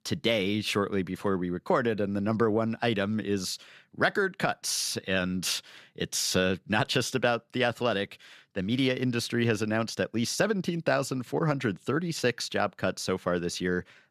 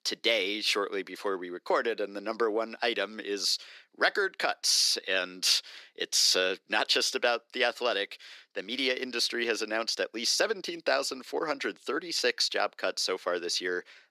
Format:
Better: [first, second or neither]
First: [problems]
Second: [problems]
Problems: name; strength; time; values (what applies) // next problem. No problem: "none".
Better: first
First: none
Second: thin; somewhat; fading below 350 Hz